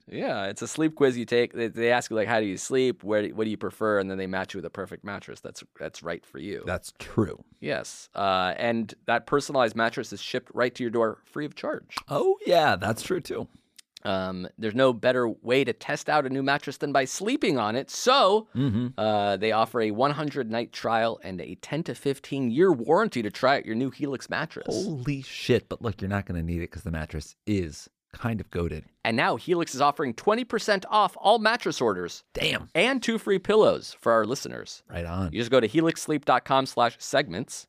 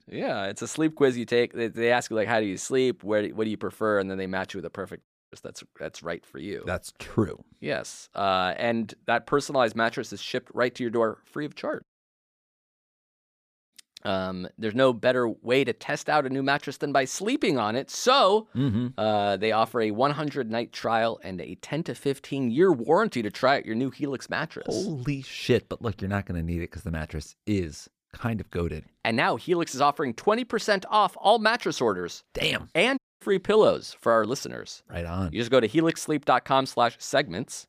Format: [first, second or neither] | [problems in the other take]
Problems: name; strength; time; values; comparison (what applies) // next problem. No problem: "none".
first | audio cutting out; at 5 s, at 12 s for 2 s and at 33 s